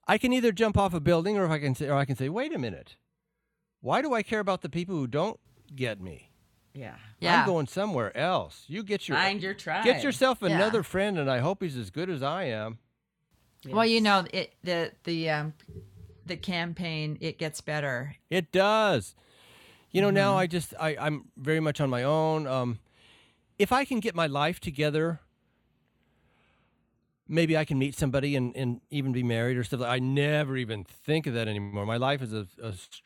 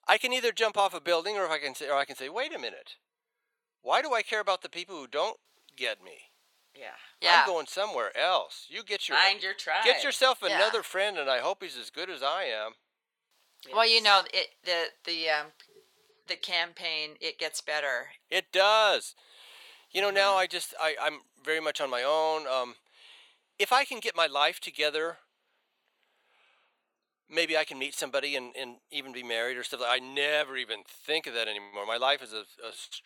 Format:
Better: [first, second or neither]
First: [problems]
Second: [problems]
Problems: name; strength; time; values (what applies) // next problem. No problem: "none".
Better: first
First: none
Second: thin; very; fading below 550 Hz